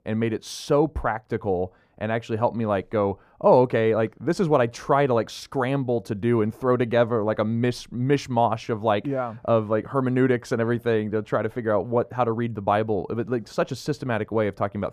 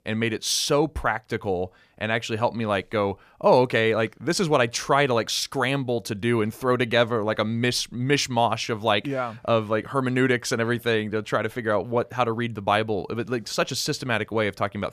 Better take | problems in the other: second | muffled; slightly; fading above 1.5 kHz

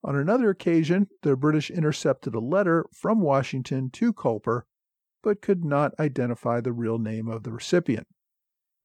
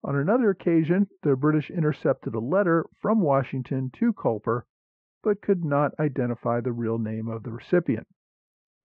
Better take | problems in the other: first | muffled; very; fading above 2 kHz

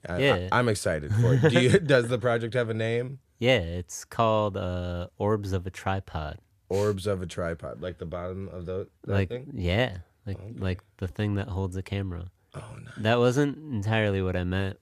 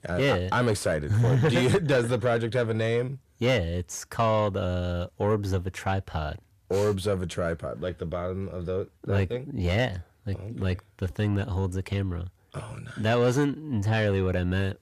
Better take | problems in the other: first | distortion; slight; 10 dB below the speech

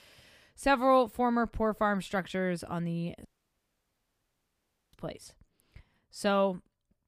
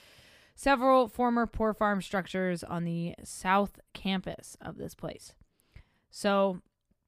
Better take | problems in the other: second | audio cutting out; at 3.5 s for 1.5 s

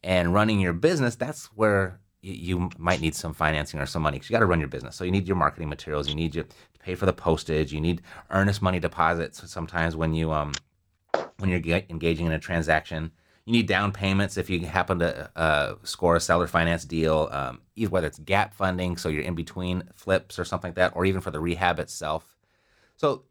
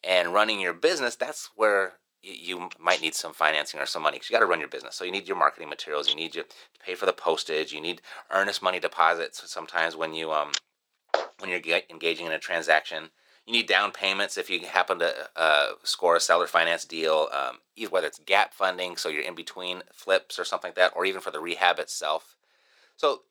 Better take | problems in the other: first | thin; very; fading below 450 Hz

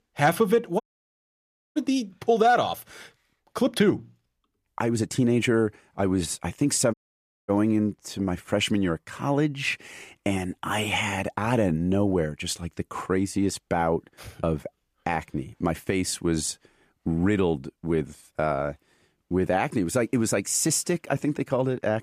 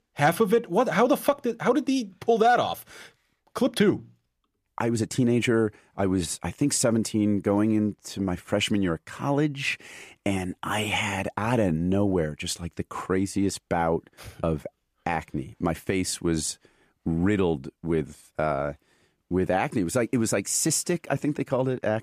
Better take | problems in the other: second | audio cutting out; at 1 s for 1 s and at 7 s for 0.5 s

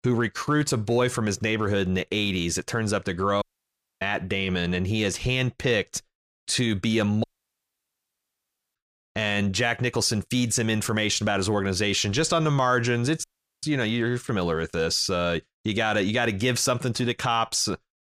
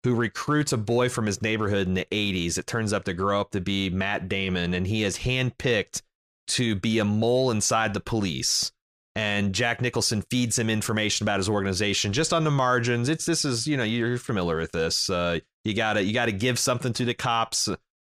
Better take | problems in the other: second | audio cutting out; at 3.5 s for 0.5 s, at 7 s for 1.5 s and at 13 s

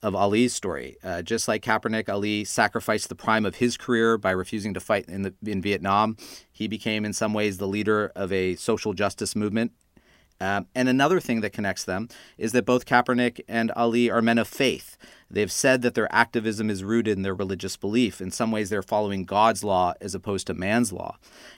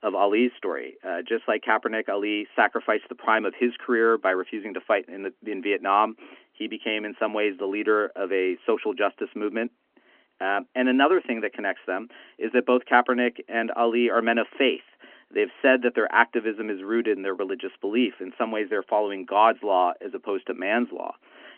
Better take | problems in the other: first | phone-call audio; nothing above 2.5 kHz

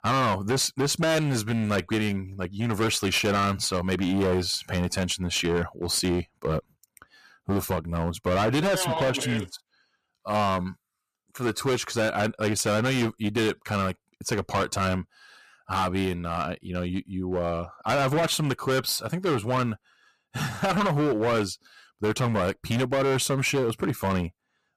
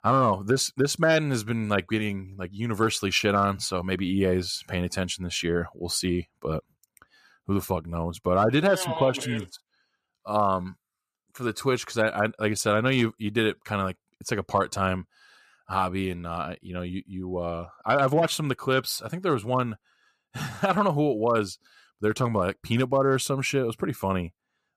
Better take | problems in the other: second | distortion; heavy; 15% of the sound clipped

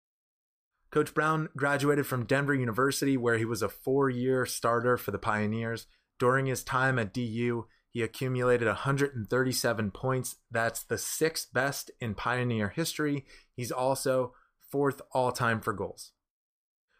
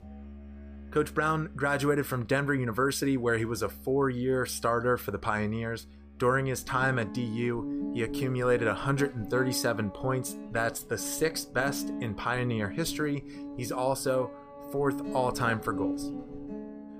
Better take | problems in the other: first | background music; loud; throughout; 10 dB below the speech

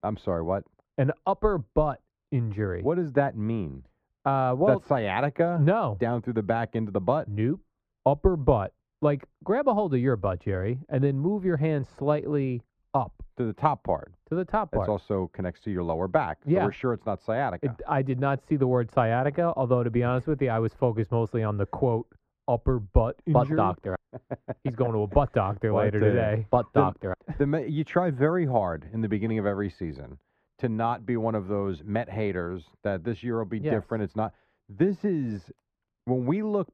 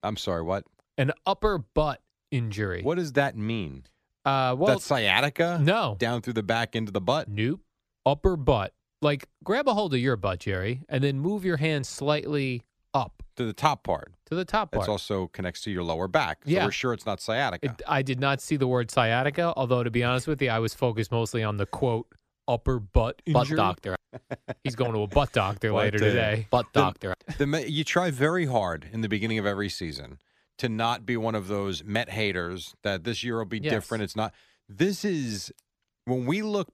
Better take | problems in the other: second | muffled; very; fading above 2.5 kHz

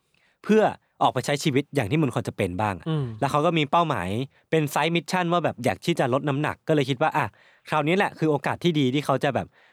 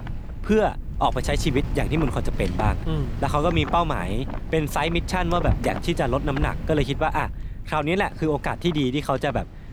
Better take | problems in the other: first | wind noise on the microphone; occasional gusts; 15 dB below the speech

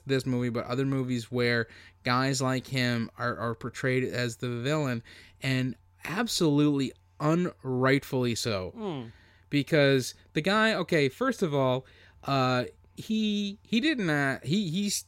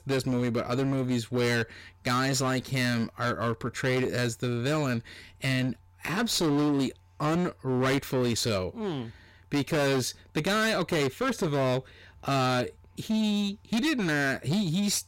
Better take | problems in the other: first | distortion; heavy; 19% of the sound clipped

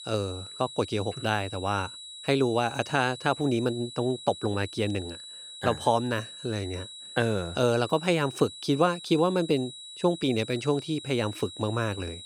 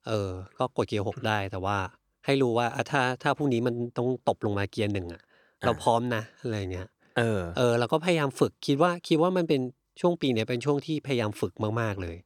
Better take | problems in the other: second | high-pitched whine; noticeable; throughout; 4 kHz, 15 dB below the speech

